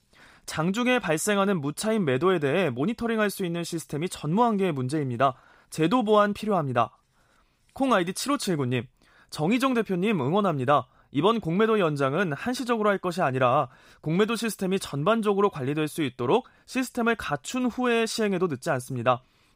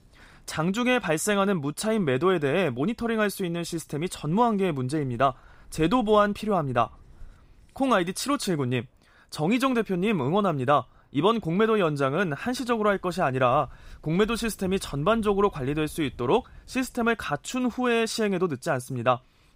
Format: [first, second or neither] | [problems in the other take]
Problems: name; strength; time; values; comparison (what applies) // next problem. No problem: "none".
first | wind in the background; faint; throughout; 30 dB below the speech